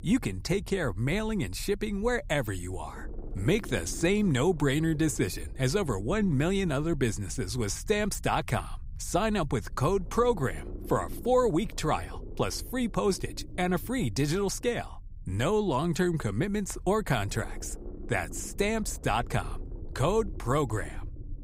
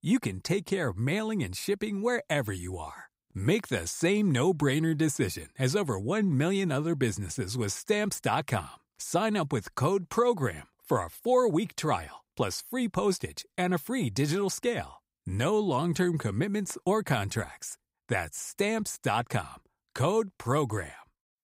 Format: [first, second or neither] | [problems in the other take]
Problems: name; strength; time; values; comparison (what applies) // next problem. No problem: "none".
second | low rumble; faint; throughout; 20 dB below the speech